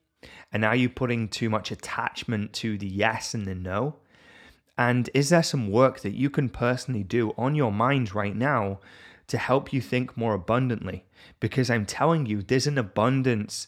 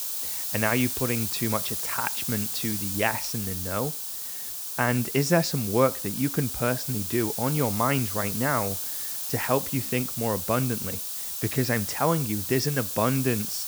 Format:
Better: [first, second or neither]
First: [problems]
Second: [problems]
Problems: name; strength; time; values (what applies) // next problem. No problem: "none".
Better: first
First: none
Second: hiss; loud; throughout; 2 dB below the speech